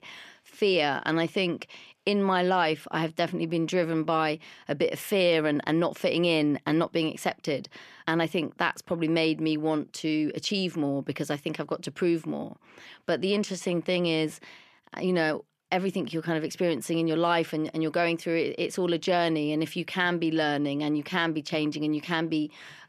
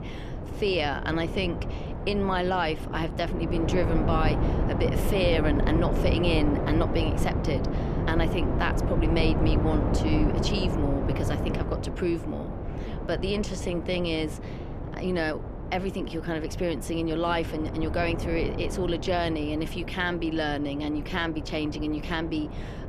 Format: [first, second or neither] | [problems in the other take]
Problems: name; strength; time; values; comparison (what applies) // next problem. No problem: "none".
first | wind noise on the microphone; heavy; 6 dB below the speech